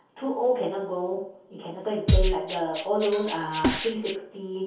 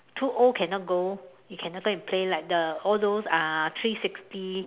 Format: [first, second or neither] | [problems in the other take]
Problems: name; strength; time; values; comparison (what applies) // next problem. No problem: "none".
second | background sound (Drum kit); 2 dB above the speech // room echo; dies away in 0.6 s